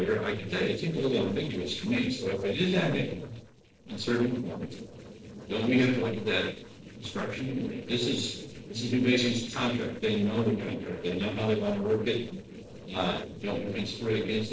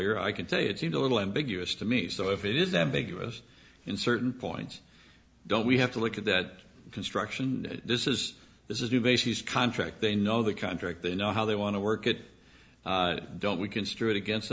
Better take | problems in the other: second | noise reduction (neural separator model SepFormer DNS4)

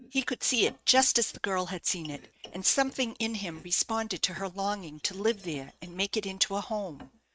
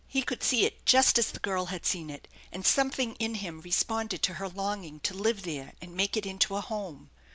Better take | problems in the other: second | noise reduction (neural mask model RNNoise)

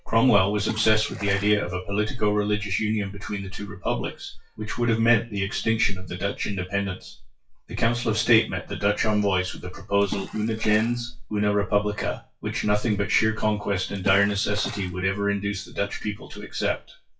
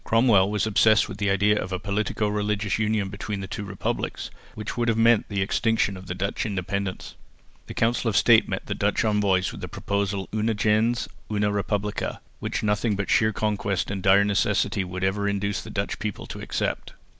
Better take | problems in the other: second | noise reduction (classical method WPE with log-MMSE)

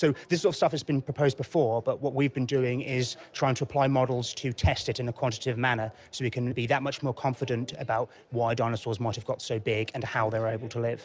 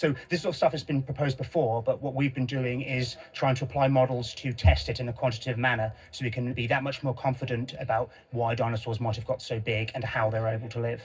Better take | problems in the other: first | room echo; dies away in 0.4 s

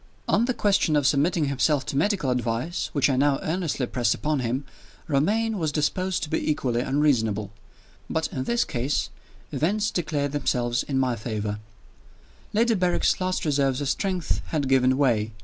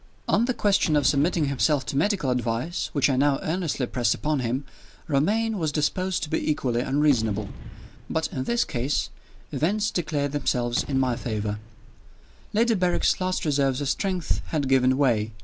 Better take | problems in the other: first | background sound (Gunshot, gunfire / Boom); 16 dB below the speech

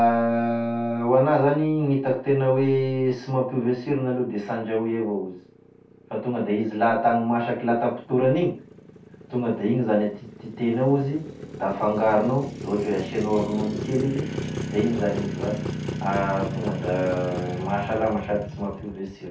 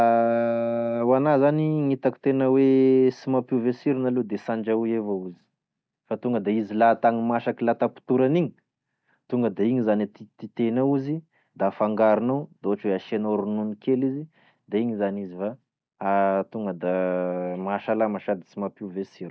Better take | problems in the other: second | background sound (Motorcycle); 11 dB below the speech // room echo; dies away in 0.3 s

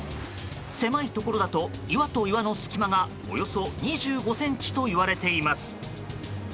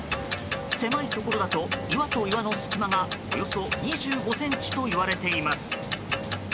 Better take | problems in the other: first | background sound (Clock); 3 dB below the speech

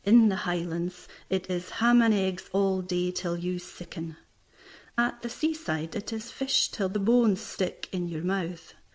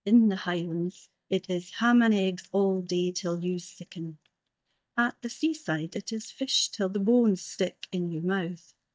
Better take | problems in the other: first | noise reduction (neural mask model DeepFilterNet 3)

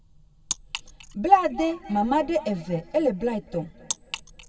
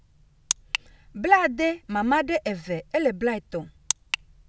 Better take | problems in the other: second | room echo; dies away in 2.1 s

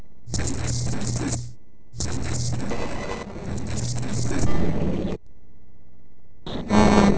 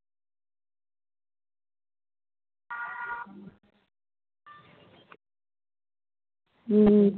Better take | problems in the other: second | noise reduction (neural separator model SepFormer DNS4)

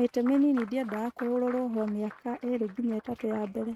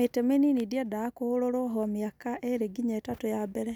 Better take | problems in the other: second | noise reduction (neural mask model RNNoise)

